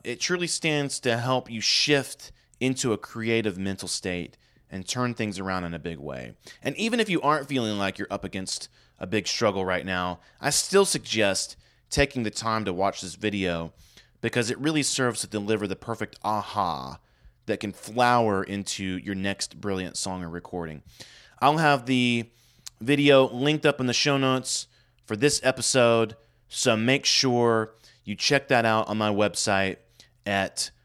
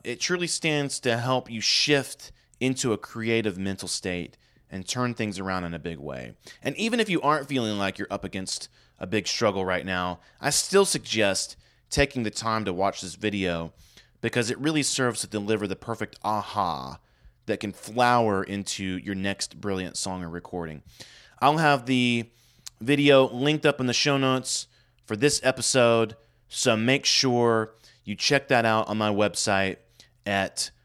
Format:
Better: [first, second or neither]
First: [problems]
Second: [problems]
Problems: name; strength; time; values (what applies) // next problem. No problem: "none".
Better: neither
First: none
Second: none